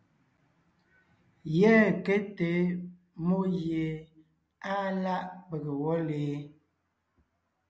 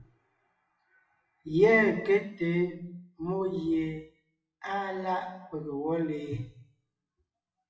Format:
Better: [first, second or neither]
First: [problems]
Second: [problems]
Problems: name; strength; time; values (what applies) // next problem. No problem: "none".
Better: first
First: none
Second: noise reduction (classical method WPE with log-MMSE)